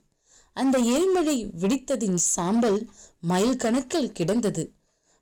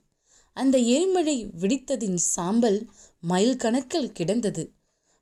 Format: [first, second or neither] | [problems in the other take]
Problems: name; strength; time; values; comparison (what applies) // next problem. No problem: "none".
second | distortion; slight; 12% of the sound clipped